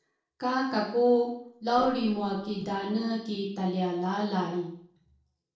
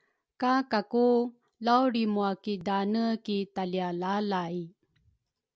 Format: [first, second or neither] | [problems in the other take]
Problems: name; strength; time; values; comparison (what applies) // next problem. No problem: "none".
second | noise reduction (neural separator model SepFormer DNS4)